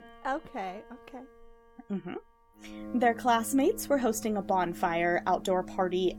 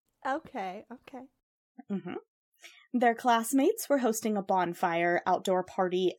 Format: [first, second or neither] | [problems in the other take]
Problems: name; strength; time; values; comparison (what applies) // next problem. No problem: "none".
second | background music; noticeable; throughout; 15 dB below the speech